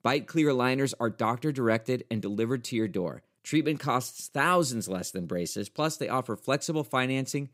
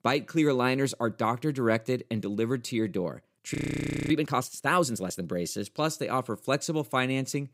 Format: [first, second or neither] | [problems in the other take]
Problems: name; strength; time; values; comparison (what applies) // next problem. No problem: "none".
first | audio freezing; at 3.5 s for 0.5 s